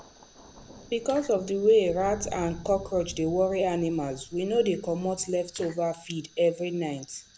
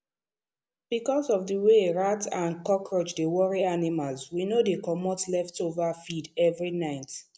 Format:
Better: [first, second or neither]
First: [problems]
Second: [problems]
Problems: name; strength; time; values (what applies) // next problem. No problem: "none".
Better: second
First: background sound (Fire + Thunder); 19 dB below the speech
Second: none